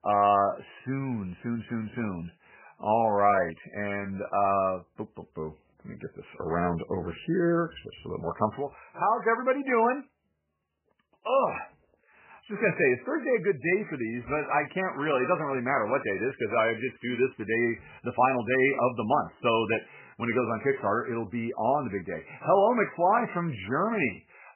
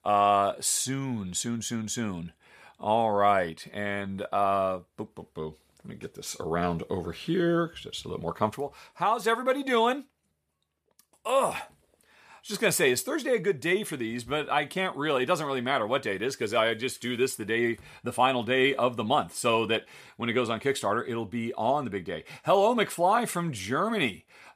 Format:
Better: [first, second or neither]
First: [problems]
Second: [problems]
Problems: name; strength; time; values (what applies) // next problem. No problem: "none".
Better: second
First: garbled, watery; badly; nothing above 3 kHz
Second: none